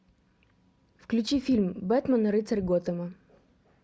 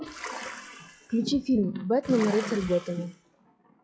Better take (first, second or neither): first